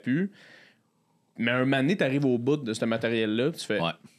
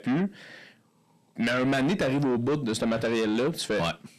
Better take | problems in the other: first | distortion; heavy; 8 dB below the speech

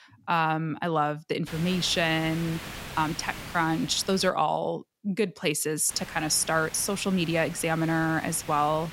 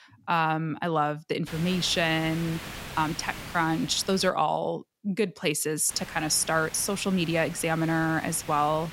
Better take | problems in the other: neither | hiss; noticeable; from 1.5 to 4.5 s and from 6 s on; 15 dB below the speech; the same in both

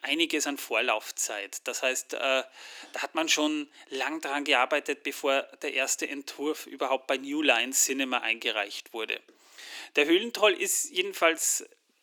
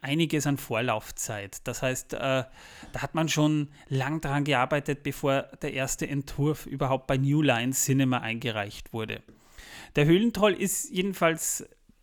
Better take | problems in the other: second | thin; somewhat; fading below 300 Hz

